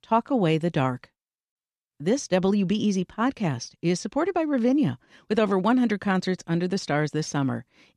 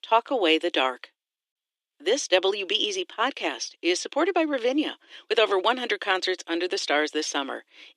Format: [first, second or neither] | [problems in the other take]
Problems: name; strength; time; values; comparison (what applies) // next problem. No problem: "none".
first | thin; very; fading below 300 Hz